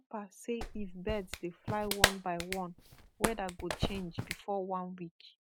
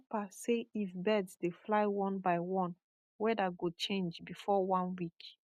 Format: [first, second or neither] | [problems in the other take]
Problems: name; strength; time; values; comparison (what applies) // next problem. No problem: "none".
second | background sound (Clapping); 2 dB above the speech